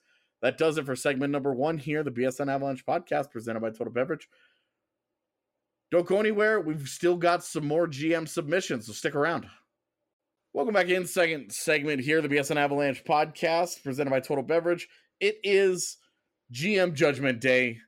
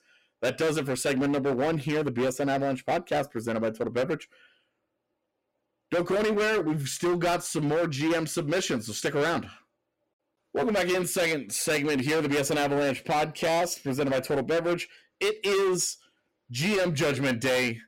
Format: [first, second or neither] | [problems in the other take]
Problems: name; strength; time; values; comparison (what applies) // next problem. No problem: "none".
first | distortion; heavy; 19% of the sound clipped